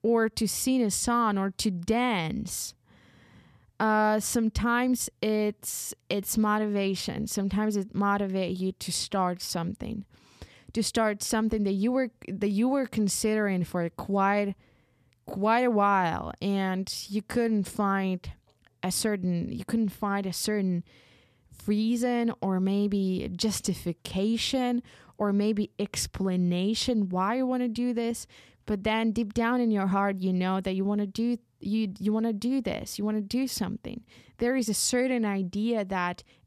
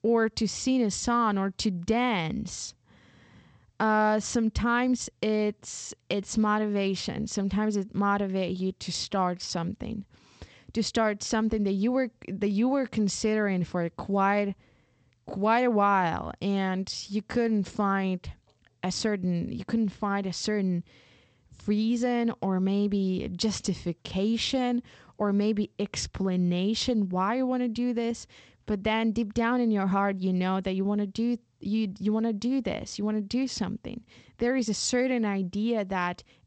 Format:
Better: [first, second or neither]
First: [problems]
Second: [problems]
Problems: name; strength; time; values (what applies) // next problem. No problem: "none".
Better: first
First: none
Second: garbled, watery; slightly; nothing above 8 kHz